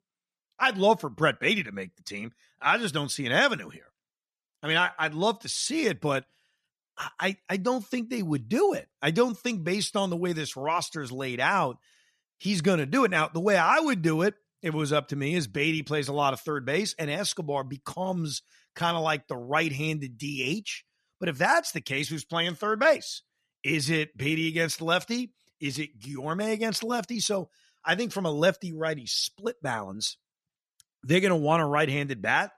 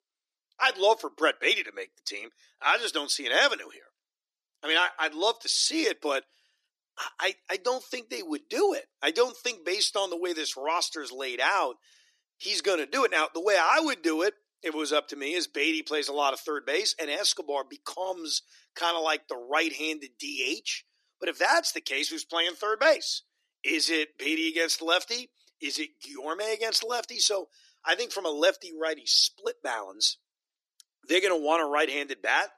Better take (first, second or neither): first